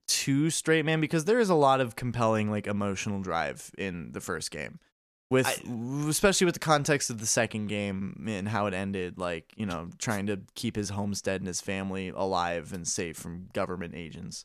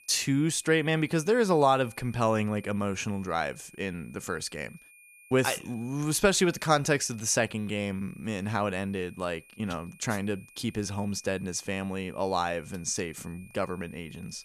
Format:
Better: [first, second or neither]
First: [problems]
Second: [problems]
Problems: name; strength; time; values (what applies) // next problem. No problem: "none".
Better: first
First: none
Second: high-pitched whine; faint; throughout; 2.5 kHz, 25 dB below the speech